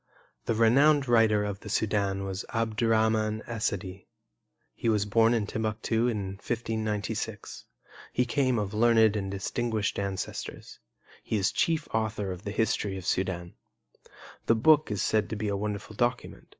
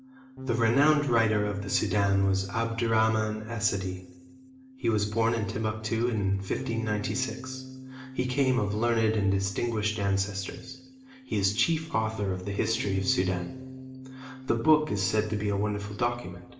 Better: first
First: none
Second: background sound (Bass guitar); 15 dB below the speech // room echo; dies away in 0.8 s

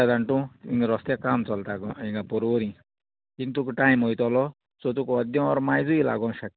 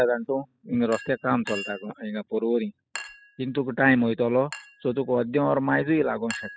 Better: first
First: none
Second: noise reduction (classical method spectral subtraction)

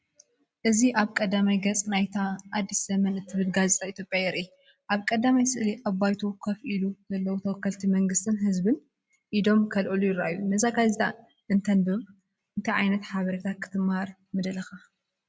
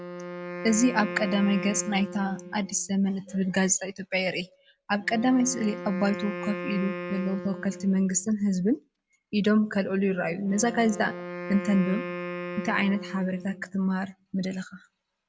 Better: first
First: none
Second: background sound (Wind instrument, woodwind instrument); 11 dB below the speech

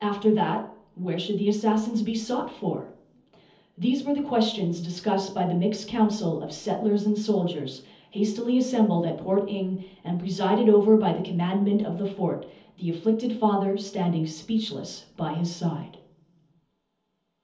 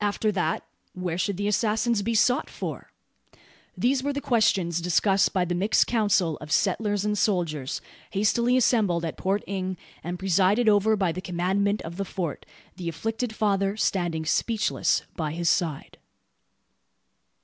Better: second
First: room echo; dies away in 0.7 s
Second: none

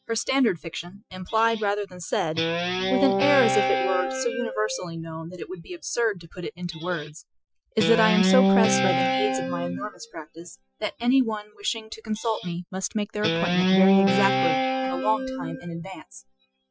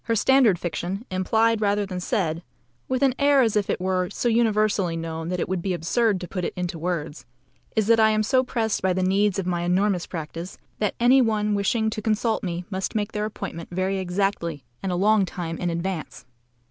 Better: second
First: noise reduction (classical method Wiener filter)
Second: none

